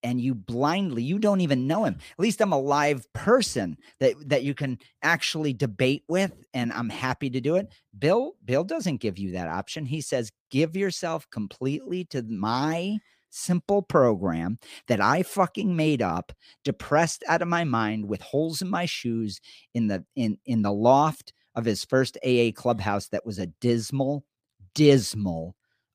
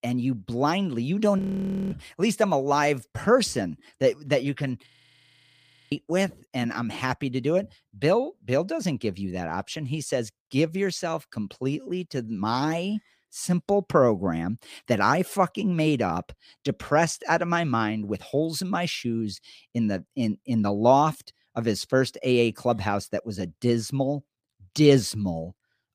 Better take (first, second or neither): first